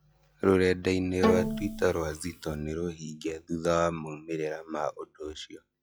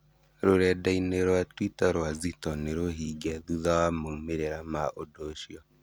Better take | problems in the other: second | noise reduction (classical method log-MMSE)

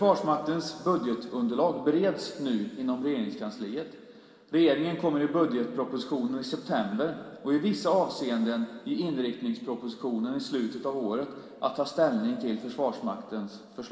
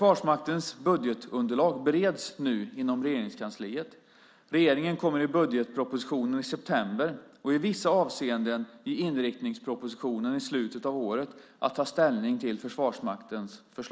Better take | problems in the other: second | room echo; dies away in 2.2 s

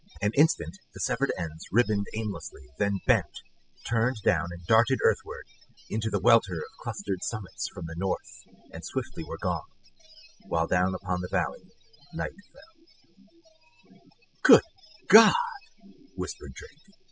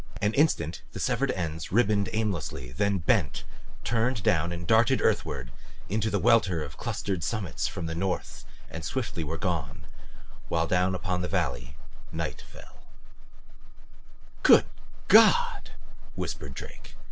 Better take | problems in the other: second | noise reduction (classical method spectral subtraction)

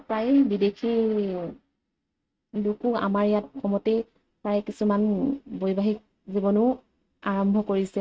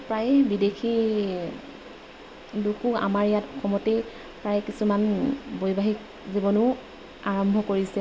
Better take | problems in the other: second | noise reduction (neural mask model RNNoise)

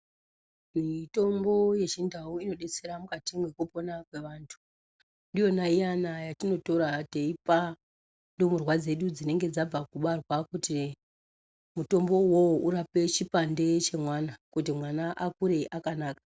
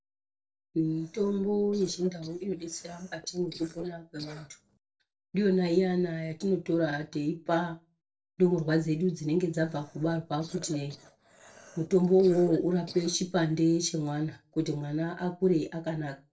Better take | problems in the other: first | noise reduction (neural separator model SepFormer DNS4)

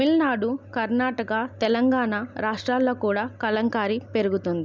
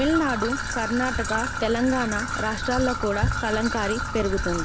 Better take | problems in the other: first | background sound (Trickle, dribble / Traffic noise, roadway noise); 3 dB below the speech

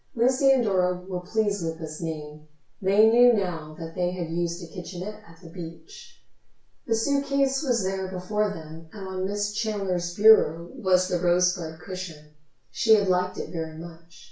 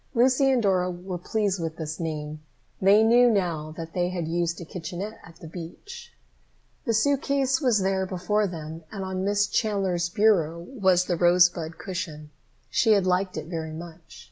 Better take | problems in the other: second | room echo; dies away in 0.3 s

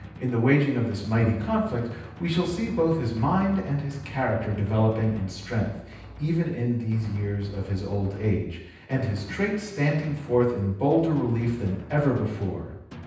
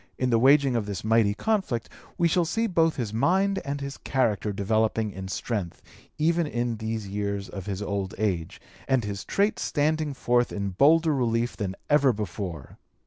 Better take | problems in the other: second | background sound (Drum); 16 dB below the speech // room echo; dies away in 0.9 s

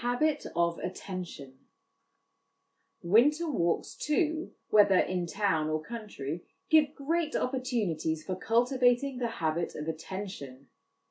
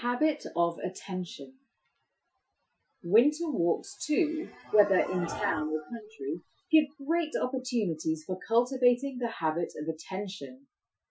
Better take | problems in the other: first | noise reduction (classical method Wiener filter)

